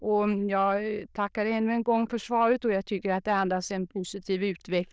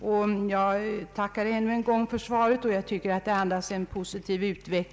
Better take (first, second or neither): second